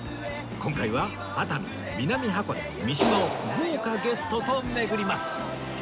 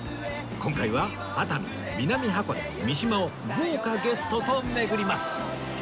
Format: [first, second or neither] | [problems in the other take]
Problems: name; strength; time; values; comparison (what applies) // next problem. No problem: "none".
second | background sound (Clapping); 8 dB below the speech